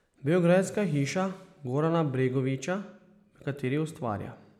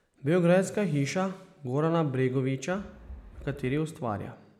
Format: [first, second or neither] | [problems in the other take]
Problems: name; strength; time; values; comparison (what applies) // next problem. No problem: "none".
first | background sound (Wind); 18 dB below the speech